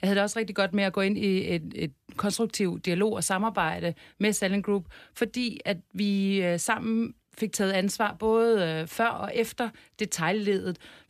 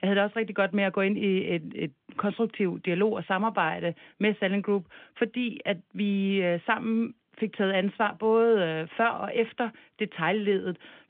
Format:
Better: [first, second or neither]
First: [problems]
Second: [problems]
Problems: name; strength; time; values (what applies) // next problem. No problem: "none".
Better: first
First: none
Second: phone-call audio